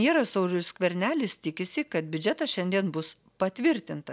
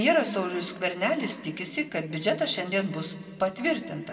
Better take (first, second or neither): first